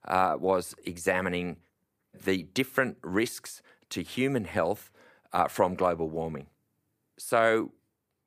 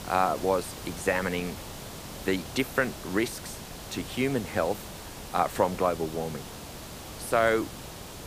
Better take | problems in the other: first | hiss; noticeable; throughout; 10 dB below the speech

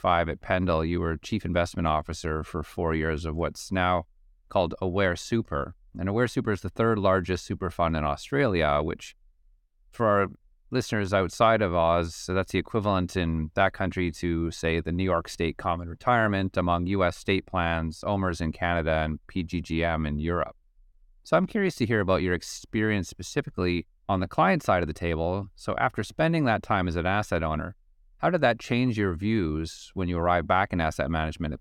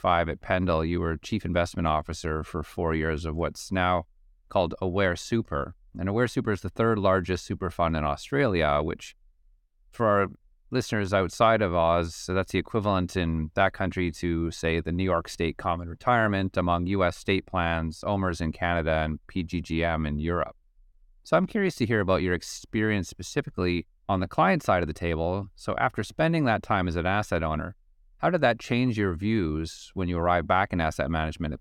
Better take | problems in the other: neither | none

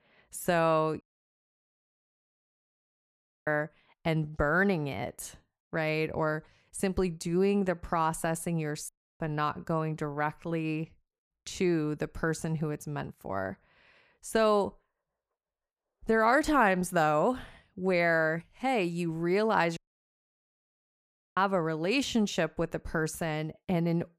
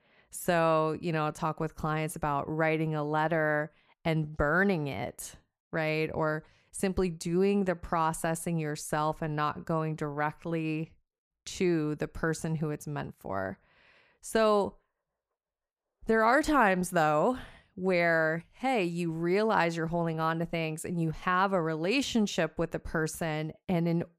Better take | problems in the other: second | audio cutting out; at 1 s for 2.5 s, at 9 s and at 20 s for 1.5 s

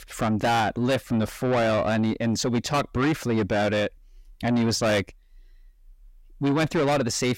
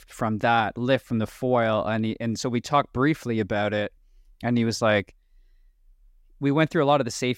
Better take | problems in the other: second | distortion; heavy; 7 dB below the speech

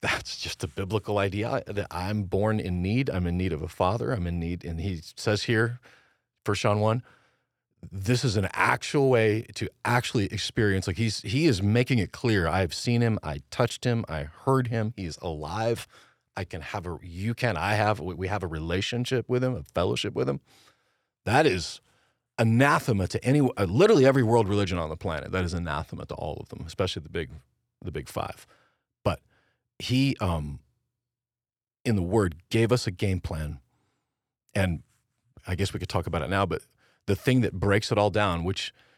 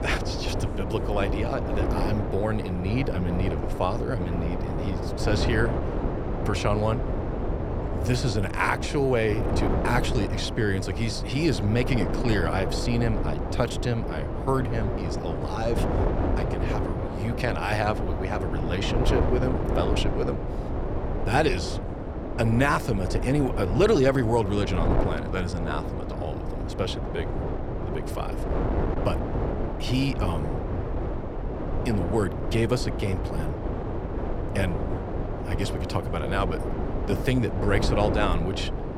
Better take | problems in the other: first | wind noise on the microphone; heavy; 4 dB below the speech

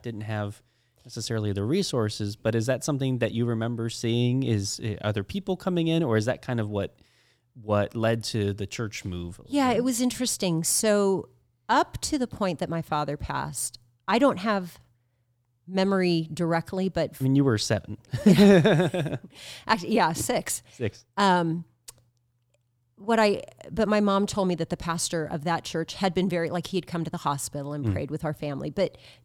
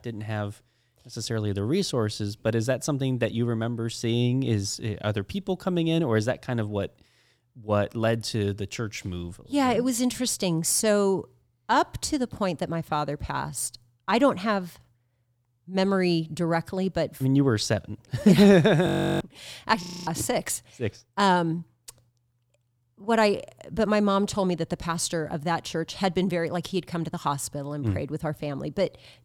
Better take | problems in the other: first | audio freezing; at 19 s and at 20 s

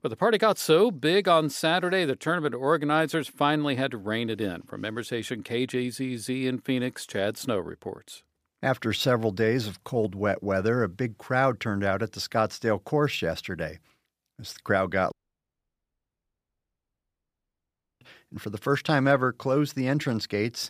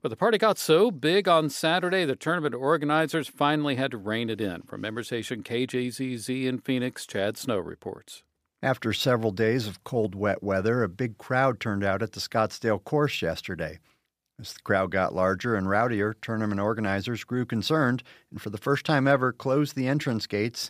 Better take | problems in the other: second | audio cutting out; at 15 s for 3 s

